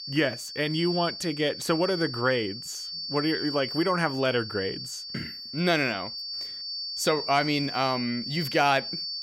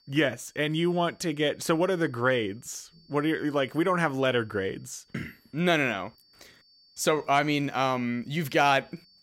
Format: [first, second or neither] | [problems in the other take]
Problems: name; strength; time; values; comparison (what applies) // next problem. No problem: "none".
second | high-pitched whine; loud; throughout; 4.5 kHz, 6 dB below the speech; faint in the second